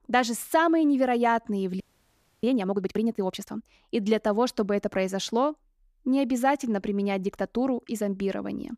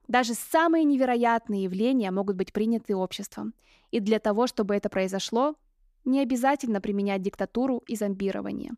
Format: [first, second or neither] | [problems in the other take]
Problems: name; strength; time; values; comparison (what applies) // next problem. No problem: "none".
second | audio freezing; at 2 s for 0.5 s